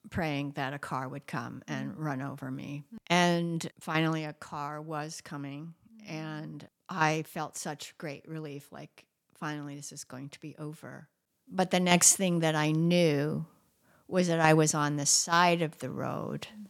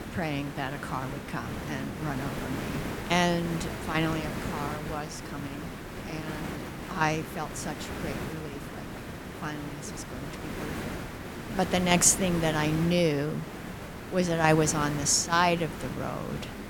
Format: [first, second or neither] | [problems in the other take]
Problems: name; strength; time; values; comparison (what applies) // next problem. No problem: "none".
first | hiss; loud; throughout; 8 dB below the speech